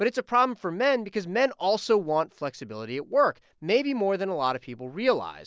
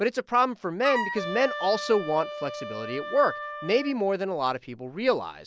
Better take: first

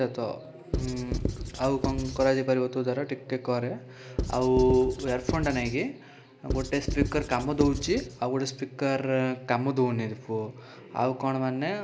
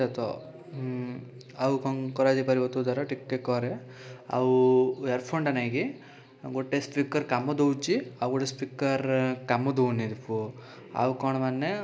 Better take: second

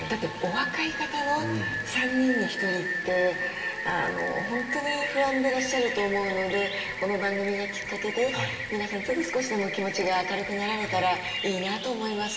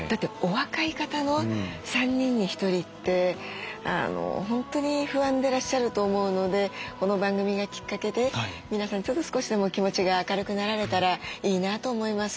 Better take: second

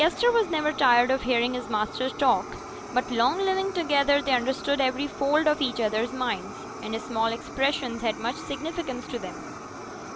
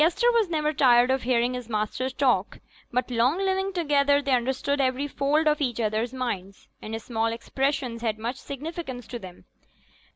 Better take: second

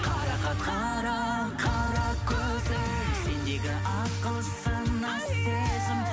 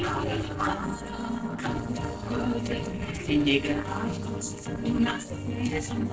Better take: first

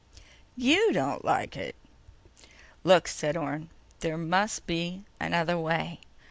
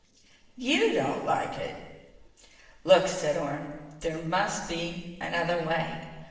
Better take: first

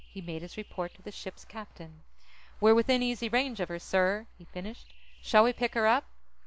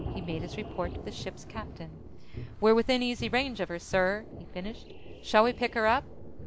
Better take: first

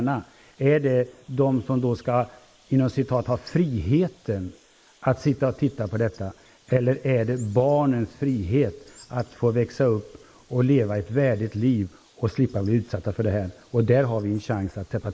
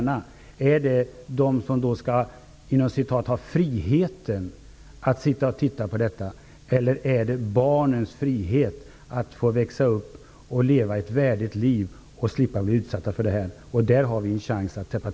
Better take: second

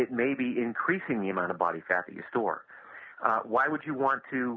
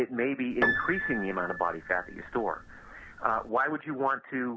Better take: first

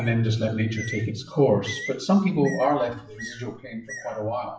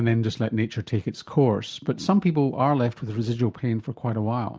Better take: second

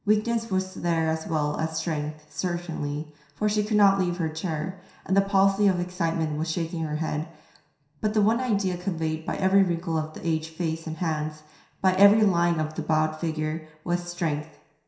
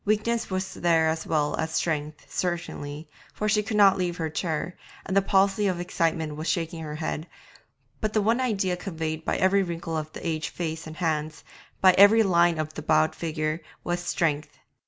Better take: second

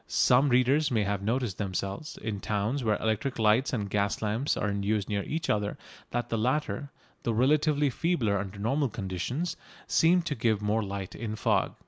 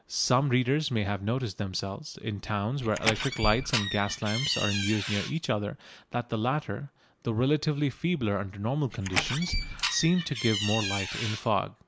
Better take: first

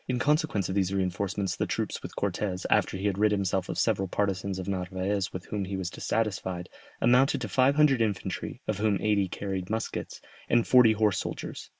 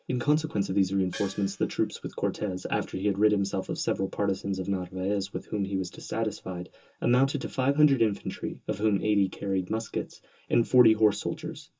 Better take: first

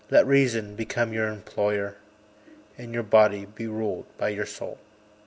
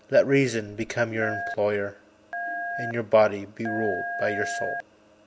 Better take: first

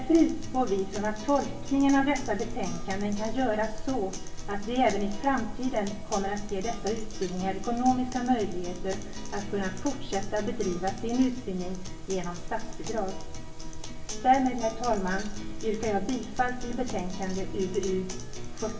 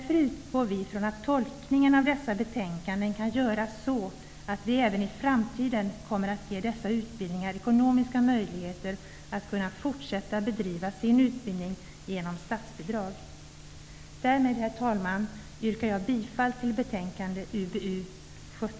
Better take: second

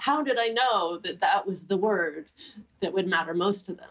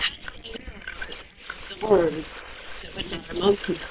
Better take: first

